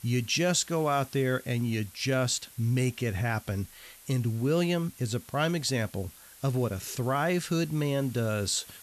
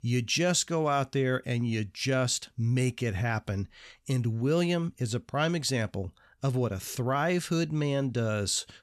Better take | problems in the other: second | hiss; noticeable; throughout; 20 dB below the speech

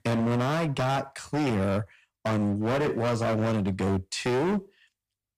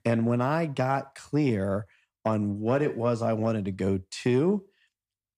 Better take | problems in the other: second | distortion; heavy; 26% of the sound clipped

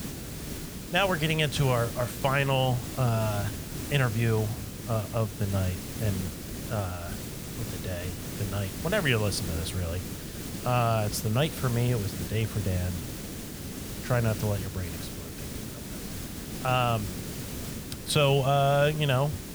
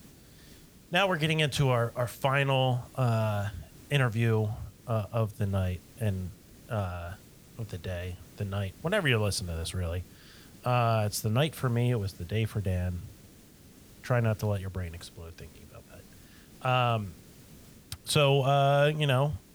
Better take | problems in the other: second | hiss; loud; throughout; 8 dB below the speech; faint in the second

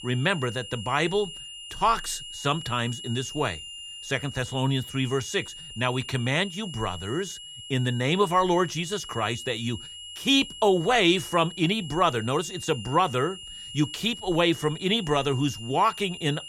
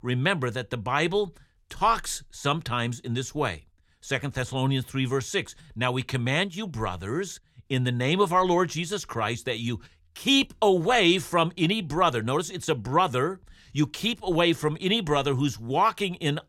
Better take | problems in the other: second | high-pitched whine; noticeable; throughout; 3 kHz, 10 dB below the speech

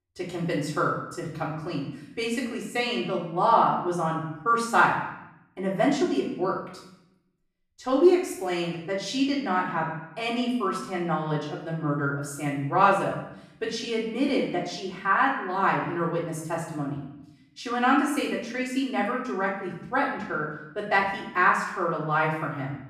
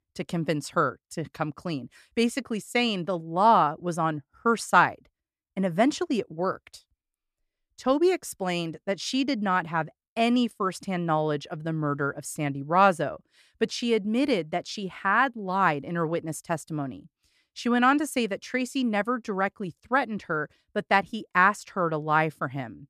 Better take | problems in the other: second | off-mic speech; far // room echo; noticeable; dies away in 0.7 s

